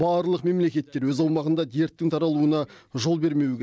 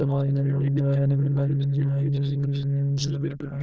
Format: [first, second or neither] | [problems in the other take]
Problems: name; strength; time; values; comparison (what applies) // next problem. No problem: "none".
first | noise reduction (neural diffusion model UNIVERSE++)